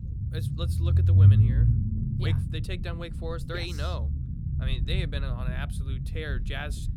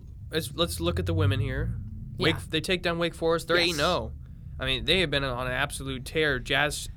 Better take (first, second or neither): second